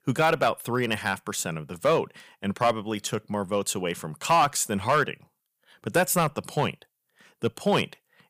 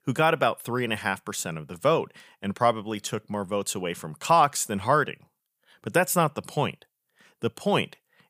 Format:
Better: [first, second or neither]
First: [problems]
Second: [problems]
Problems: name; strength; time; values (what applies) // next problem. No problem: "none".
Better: second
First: distortion; slight; 2% of the sound clipped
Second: none